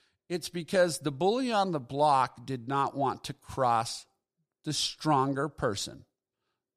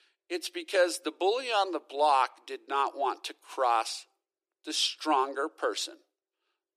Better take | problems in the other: first | thin; very; fading below 300 Hz

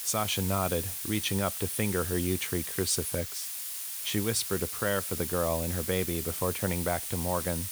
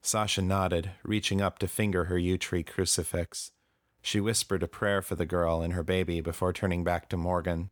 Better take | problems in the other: second | hiss; loud; throughout; 2 dB below the speech

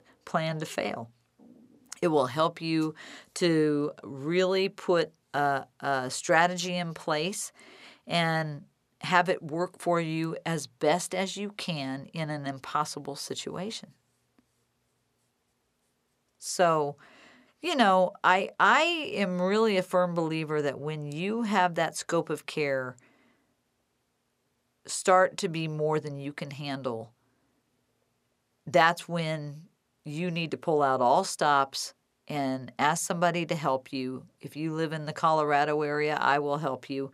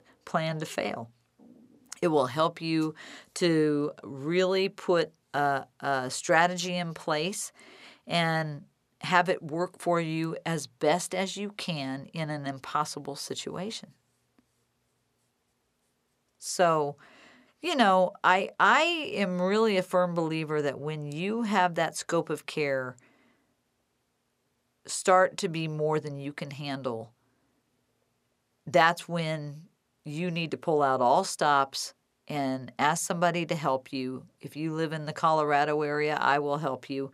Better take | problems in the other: neither | none

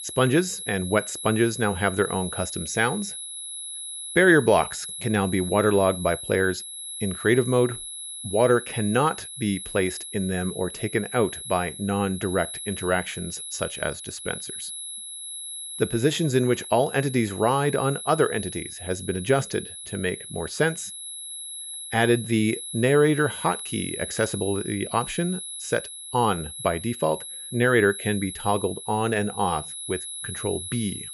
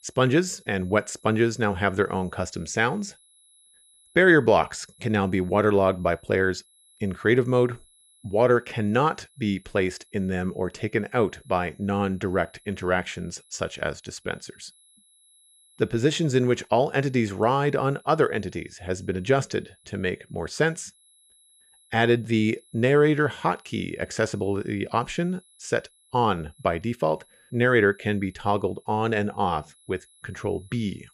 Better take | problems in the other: second | high-pitched whine; loud; throughout; 11 kHz, 9 dB below the speech; faint in the second

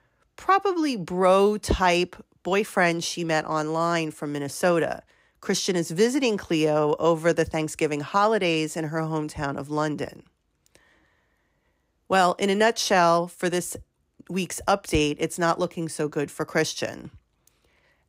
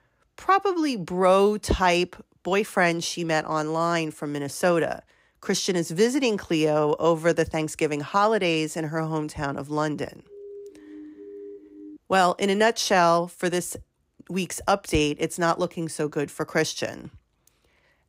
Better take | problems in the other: first | siren; faint; from 10 to 12 s; peak 15 dB below the speech

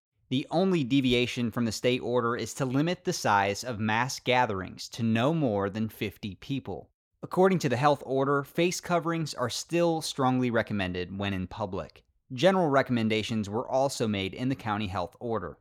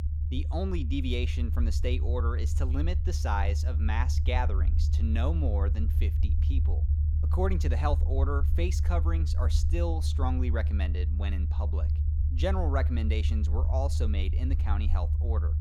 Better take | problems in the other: first | low rumble; loud; throughout; 9 dB below the speech

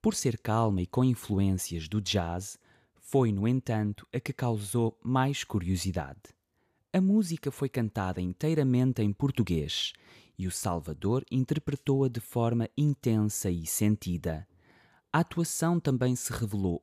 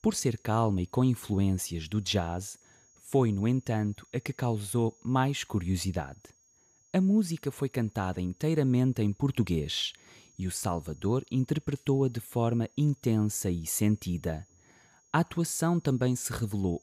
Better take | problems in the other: first | high-pitched whine; faint; throughout; 6.5 kHz, 30 dB below the speech

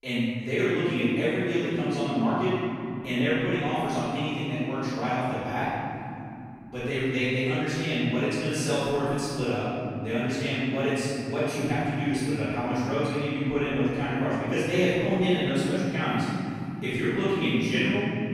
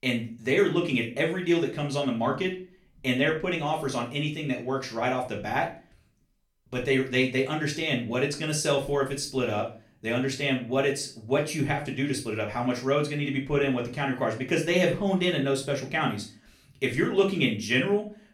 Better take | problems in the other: second | room echo; strong; dies away in 3 s; slight in the second // off-mic speech; far; far in the second

